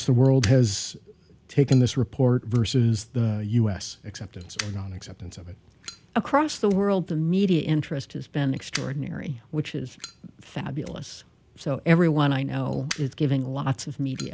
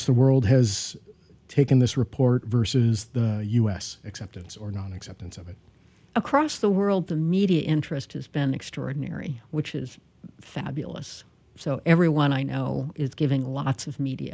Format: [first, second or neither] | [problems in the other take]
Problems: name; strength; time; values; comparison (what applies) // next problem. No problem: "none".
second | background sound (Fire); 20 dB below the speech